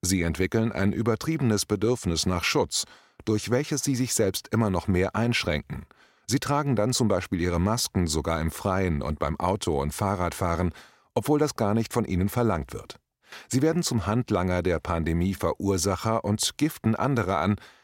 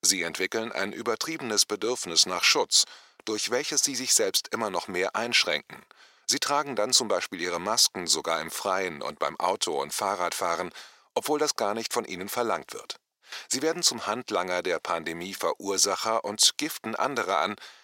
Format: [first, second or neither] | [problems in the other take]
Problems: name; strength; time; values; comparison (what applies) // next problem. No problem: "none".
first | thin; somewhat; fading below 500 Hz